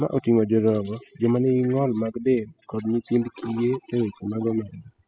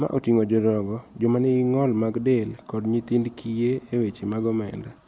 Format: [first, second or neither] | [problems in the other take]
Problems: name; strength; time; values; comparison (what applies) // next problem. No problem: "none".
second | noise reduction (classical method spectral subtraction)